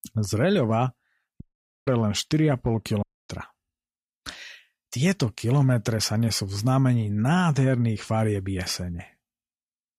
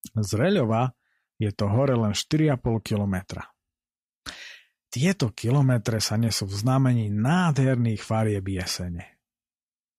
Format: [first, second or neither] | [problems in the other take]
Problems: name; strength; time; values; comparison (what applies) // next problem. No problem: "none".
second | audio cutting out; at 1.5 s and at 3 s